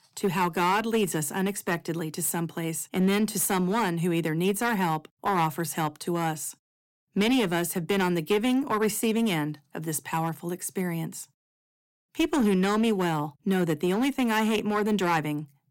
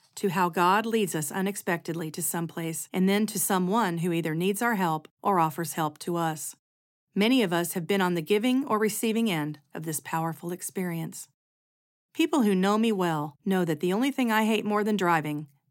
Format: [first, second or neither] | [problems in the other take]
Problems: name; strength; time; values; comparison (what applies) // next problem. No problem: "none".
second | distortion; slight; 6% of the sound clipped